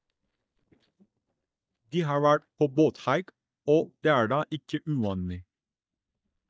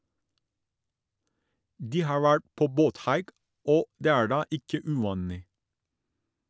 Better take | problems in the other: second | noise reduction (neural mask model DeepFilterNet 3)

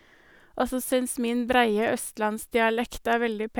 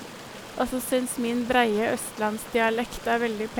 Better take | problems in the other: first | background sound (Stream); 15 dB below the speech

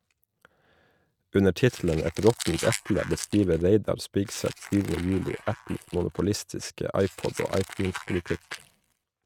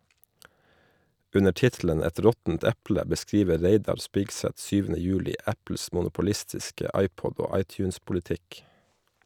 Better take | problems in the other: second | noise reduction (neural mask model RNNoise)

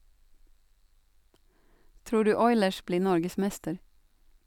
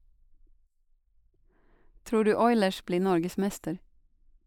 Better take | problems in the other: first | noise reduction (neural mask model Resemble Enhance denoiser)

